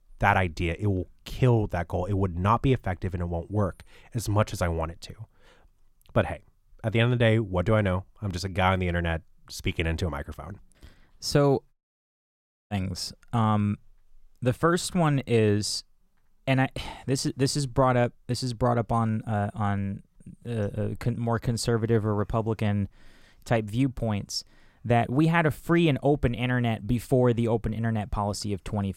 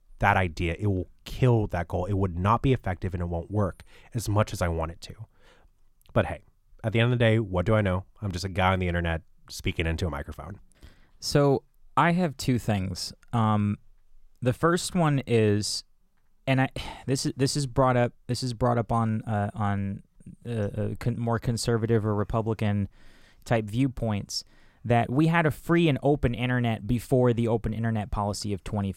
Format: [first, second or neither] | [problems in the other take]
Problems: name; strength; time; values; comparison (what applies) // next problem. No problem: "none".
second | audio cutting out; at 12 s for 1 s